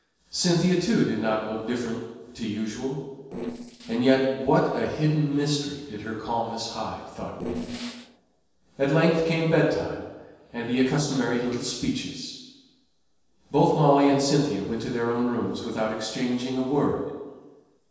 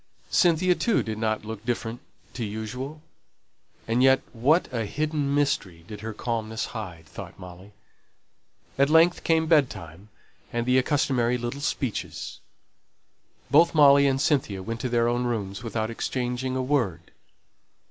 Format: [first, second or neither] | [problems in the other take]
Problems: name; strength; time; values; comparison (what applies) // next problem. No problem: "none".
second | noise reduction (neural separator model SepFormer DNS4)